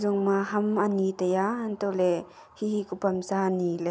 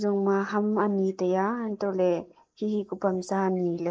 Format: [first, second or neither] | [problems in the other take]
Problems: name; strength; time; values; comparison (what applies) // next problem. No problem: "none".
first | noise reduction (neural mask model Resemble Enhance denoiser)